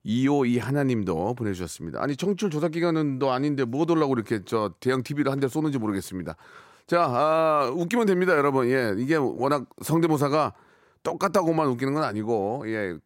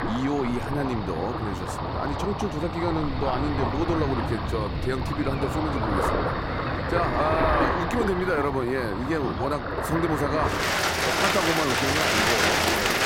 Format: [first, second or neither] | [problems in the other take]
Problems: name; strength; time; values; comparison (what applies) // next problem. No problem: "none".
first | rain or running water; very loud; throughout; 2 dB above the speech